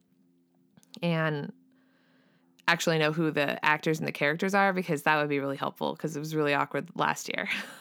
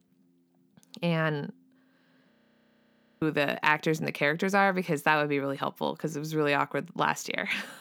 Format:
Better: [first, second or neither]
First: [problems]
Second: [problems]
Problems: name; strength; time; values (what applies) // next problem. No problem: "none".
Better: first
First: none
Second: audio freezing; at 2.5 s for 1 s